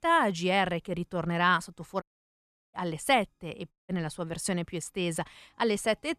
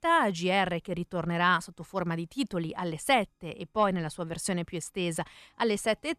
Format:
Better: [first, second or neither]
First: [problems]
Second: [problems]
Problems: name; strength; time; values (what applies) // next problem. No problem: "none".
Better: second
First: audio cutting out; at 2 s for 0.5 s and at 3.5 s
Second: none